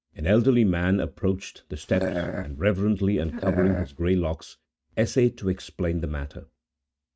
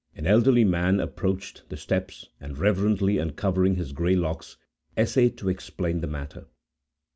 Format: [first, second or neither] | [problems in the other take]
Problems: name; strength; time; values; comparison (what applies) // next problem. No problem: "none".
second | noise reduction (neural mask model RNNoise)